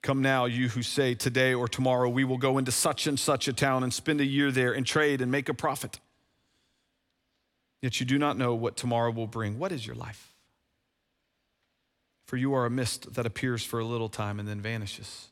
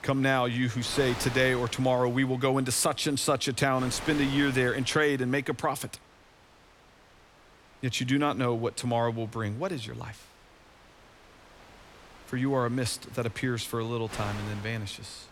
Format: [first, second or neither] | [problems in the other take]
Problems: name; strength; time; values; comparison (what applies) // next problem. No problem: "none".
first | wind noise on the microphone; occasional gusts; 15 dB below the speech